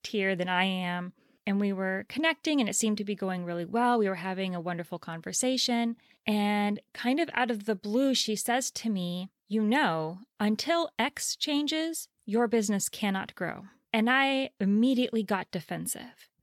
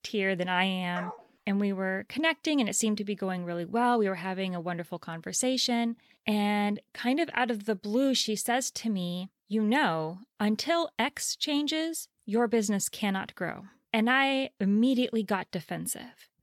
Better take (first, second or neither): first